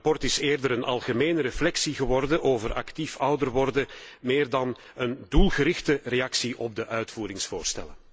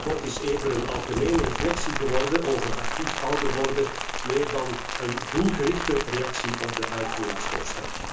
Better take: first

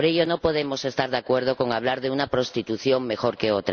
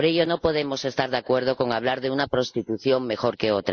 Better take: first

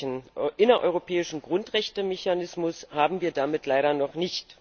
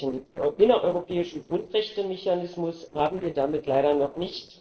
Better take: first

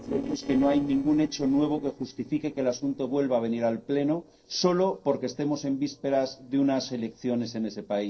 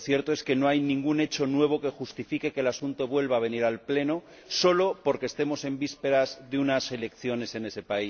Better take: second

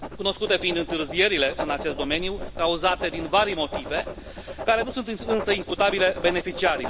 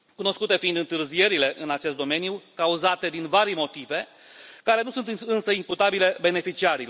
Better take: second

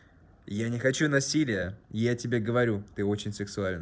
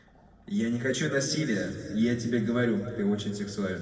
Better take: first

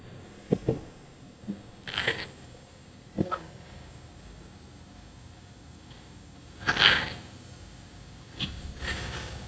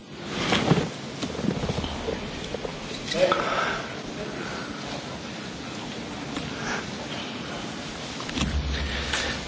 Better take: second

